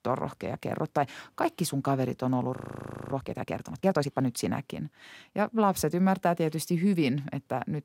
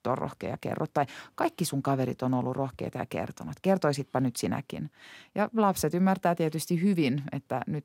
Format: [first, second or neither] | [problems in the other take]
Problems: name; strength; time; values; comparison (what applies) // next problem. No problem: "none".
second | audio freezing; at 2.5 s for 0.5 s